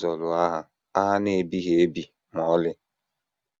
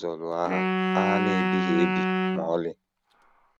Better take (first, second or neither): first